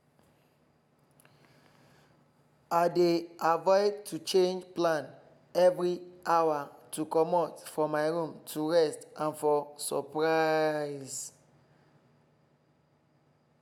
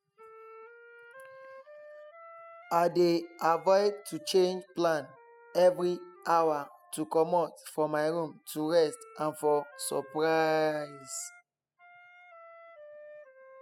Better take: first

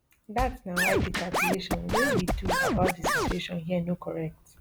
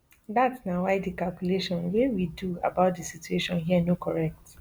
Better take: second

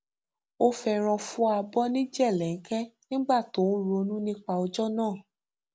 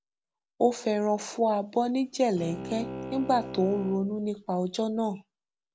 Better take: first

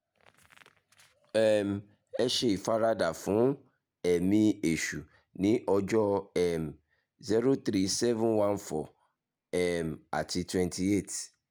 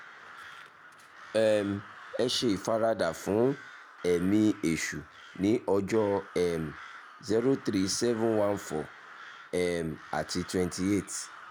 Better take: first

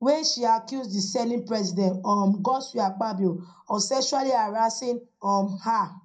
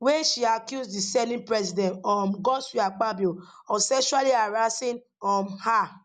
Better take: second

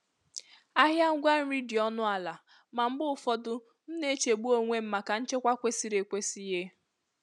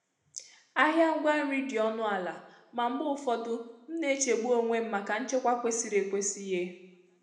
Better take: first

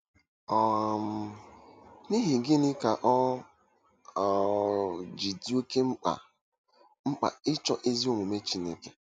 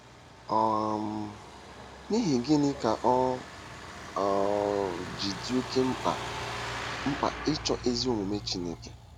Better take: first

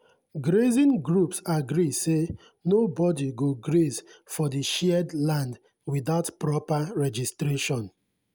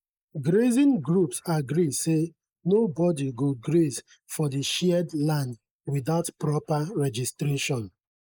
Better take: first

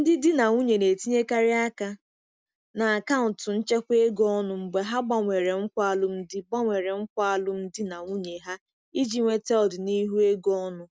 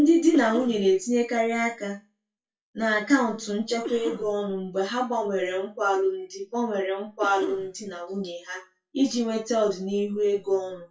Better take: first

